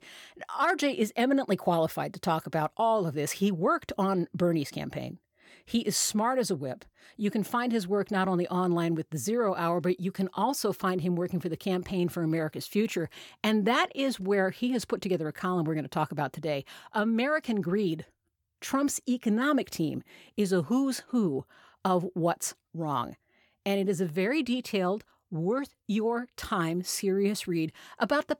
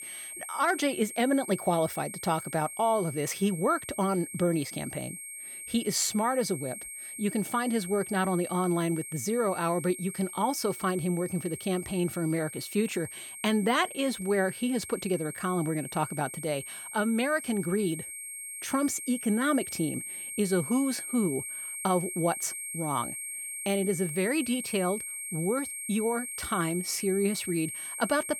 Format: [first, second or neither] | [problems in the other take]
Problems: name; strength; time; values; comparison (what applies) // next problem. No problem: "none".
first | high-pitched whine; loud; throughout; 8.5 kHz, 7 dB below the speech